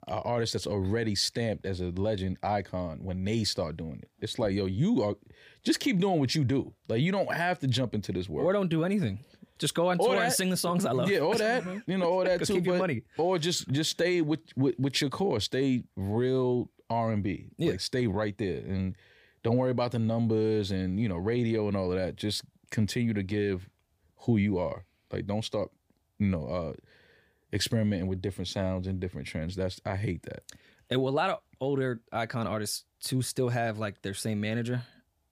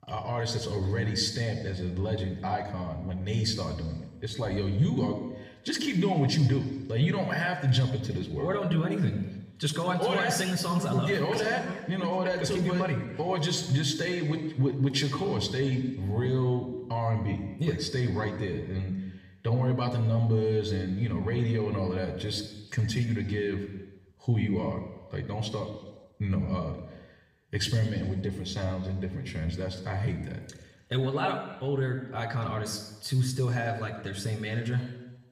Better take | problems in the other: first | room echo; slight; dies away in 1.1 s // off-mic speech; somewhat distant

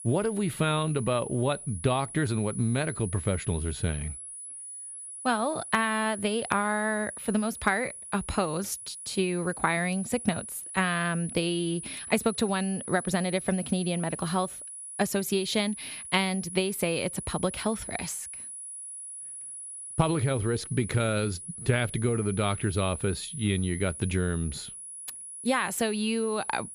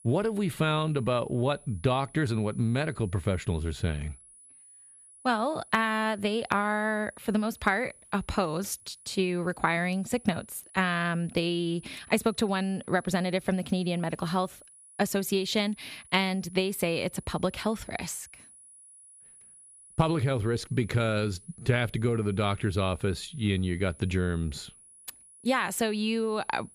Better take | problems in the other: second | high-pitched whine; loud; throughout; 10 kHz, 9 dB below the speech; faint in the second

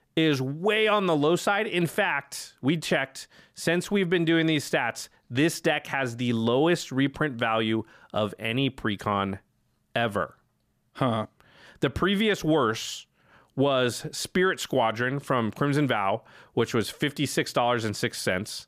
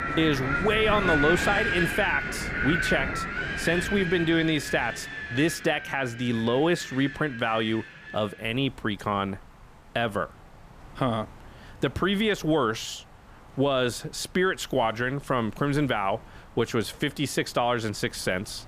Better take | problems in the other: first | wind in the background; loud; throughout; 3 dB below the speech

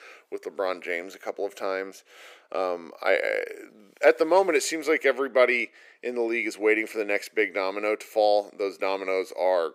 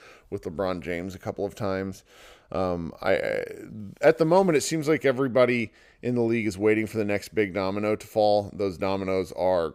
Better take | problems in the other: second | thin; somewhat; fading below 350 Hz

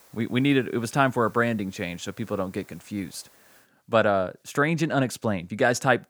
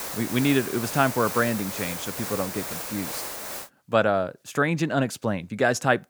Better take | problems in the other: first | hiss; loud; until 3.5 s; 6 dB below the speech; faint in the first

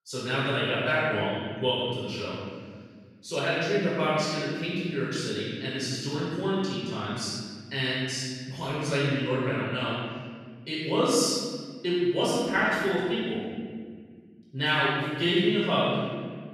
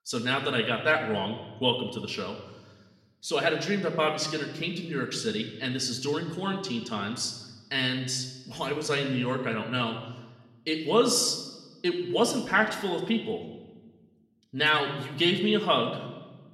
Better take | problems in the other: second | room echo; strong; dies away in 1.9 s; slight in the second // off-mic speech; far; somewhat distant in the second

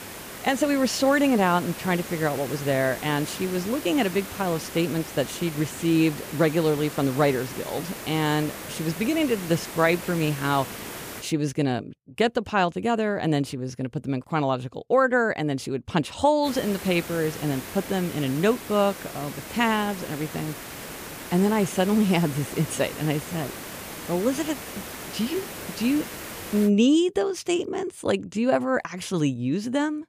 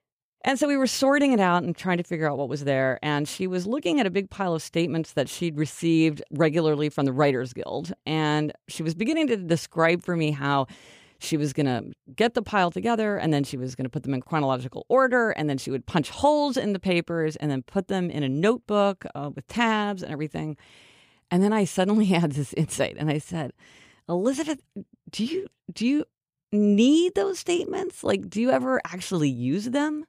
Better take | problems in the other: second | hiss; noticeable; until 11 s and from 16 to 27 s; 10 dB below the speech

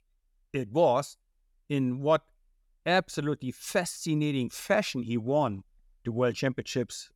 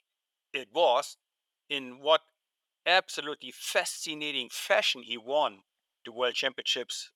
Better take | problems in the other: first | thin; very; fading below 700 Hz

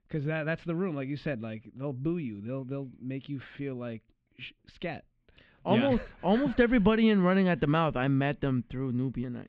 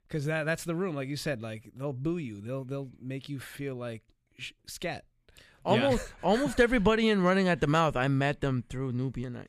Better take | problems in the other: second | muffled; slightly; fading above 3 kHz

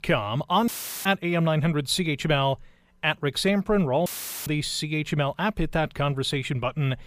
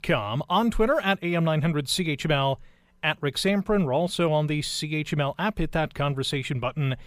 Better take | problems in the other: second | audio cutting out; filled with static; at 0.5 s and at 4 s

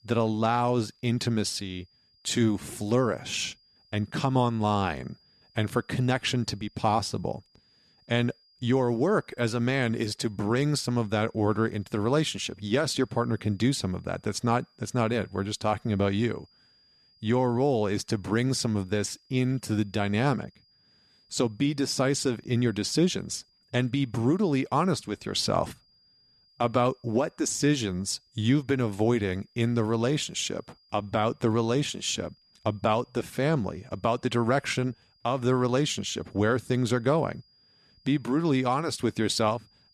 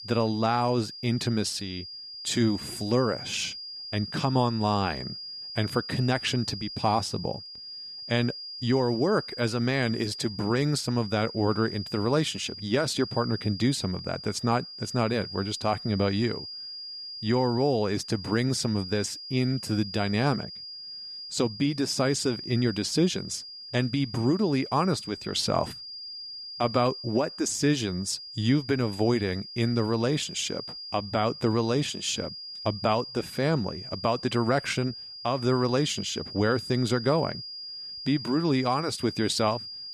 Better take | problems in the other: first | high-pitched whine; loud; throughout; 5 kHz, 10 dB below the speech; faint in the first

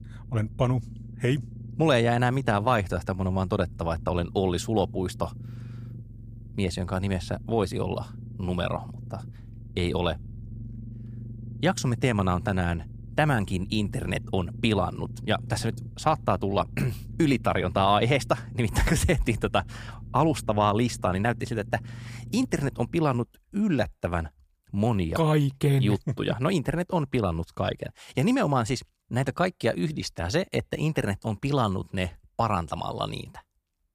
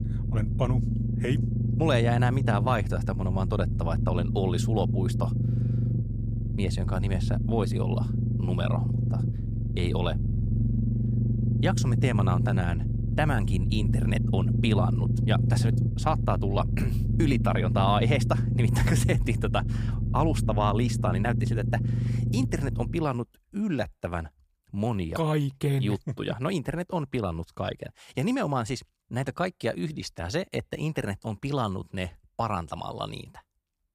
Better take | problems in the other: first | low rumble; loud; until 23 s; 7 dB below the speech; faint in the first

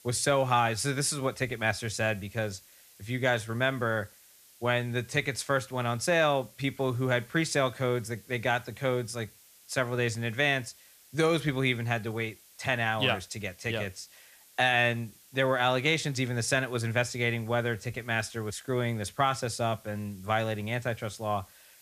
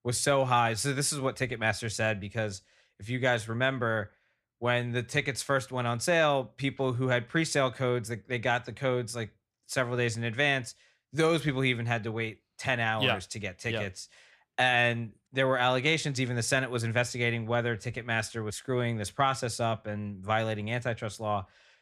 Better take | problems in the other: second | hiss; faint; throughout; 25 dB below the speech

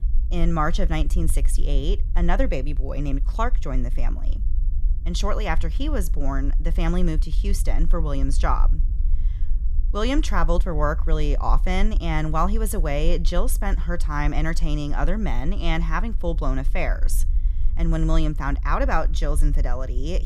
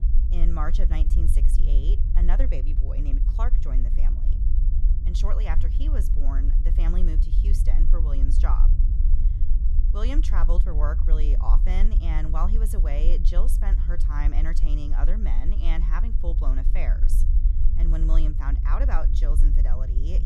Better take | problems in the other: first | low rumble; loud; throughout; 8 dB below the speech; faint in the first

